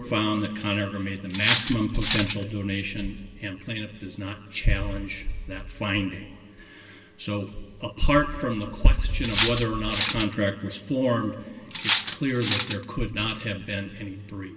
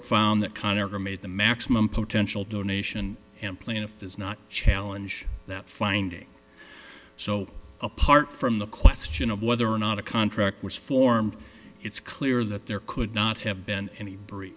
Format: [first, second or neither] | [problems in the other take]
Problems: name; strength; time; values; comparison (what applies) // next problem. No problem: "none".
second | background sound (Cutlery, silverware); 3 dB below the speech // room echo; dies away in 2.7 s